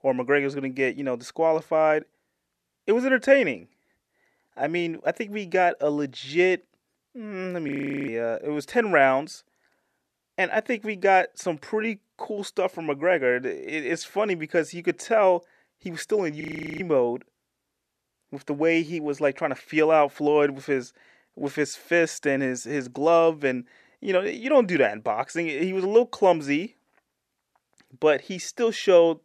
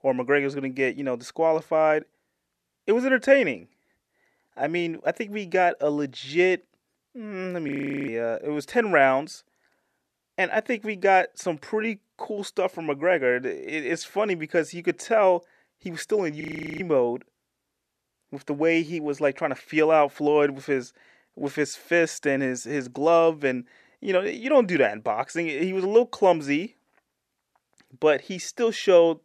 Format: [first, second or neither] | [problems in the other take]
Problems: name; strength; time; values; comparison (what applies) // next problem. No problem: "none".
neither | audio freezing; at 7.5 s and at 16 s; the same in both